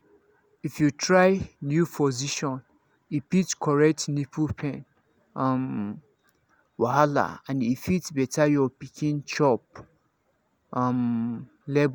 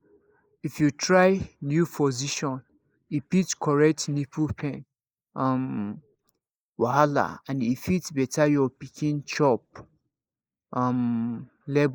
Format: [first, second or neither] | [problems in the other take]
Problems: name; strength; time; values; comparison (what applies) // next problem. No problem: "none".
first | noise reduction (neural mask model Resemble Enhance denoiser)